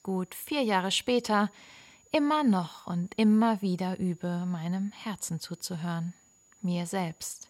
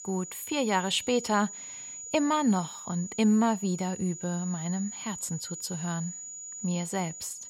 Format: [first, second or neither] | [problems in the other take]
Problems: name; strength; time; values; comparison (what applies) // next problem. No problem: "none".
first | high-pitched whine; loud; throughout; 7 kHz, 9 dB below the speech; faint in the first